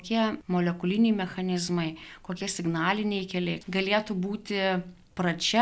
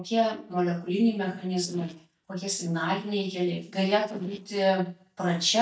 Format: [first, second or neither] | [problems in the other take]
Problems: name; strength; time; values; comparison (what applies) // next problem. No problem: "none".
first | noise reduction (neural mask model DeepFilterNet 3)